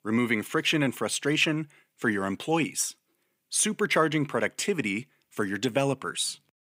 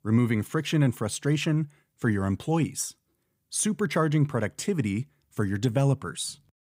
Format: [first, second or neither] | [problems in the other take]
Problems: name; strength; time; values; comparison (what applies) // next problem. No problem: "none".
second | thin; somewhat; fading below 300 Hz